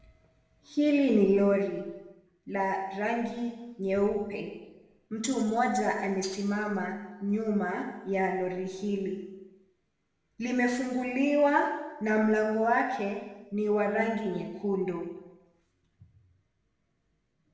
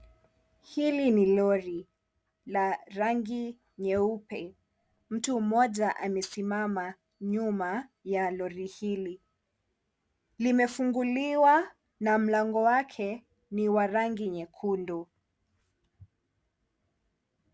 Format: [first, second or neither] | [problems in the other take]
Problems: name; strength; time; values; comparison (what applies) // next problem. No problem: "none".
second | room echo; dies away in 1 s